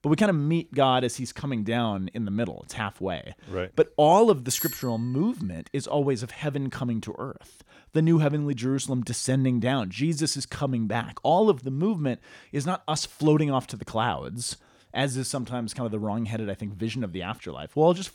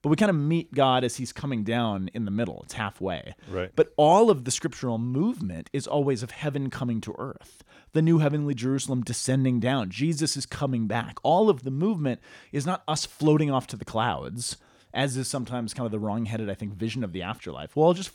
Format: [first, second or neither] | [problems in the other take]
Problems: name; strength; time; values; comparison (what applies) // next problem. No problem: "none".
second | doorbell; noticeable; at 4.5 s; peak 5 dB below the speech